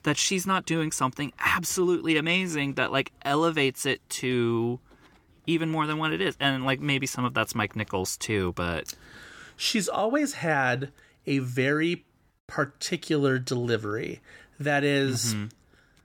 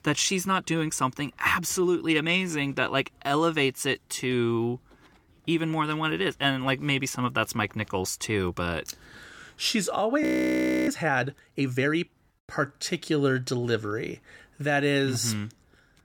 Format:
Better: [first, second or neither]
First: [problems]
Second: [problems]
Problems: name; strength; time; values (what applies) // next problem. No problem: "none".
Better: first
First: none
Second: audio freezing; at 10 s for 0.5 s